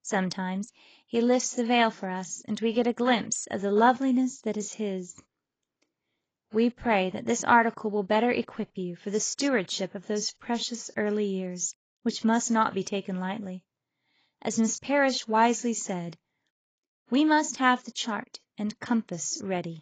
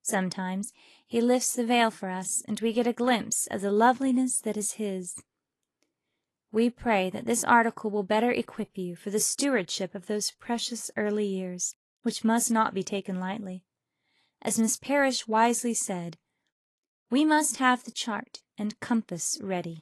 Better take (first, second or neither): second